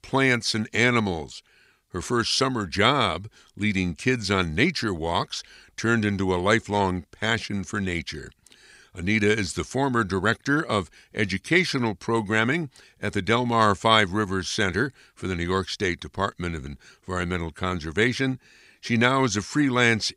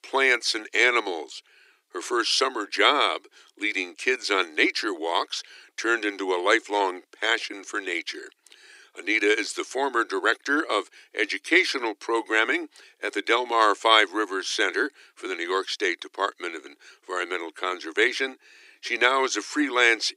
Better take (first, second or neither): first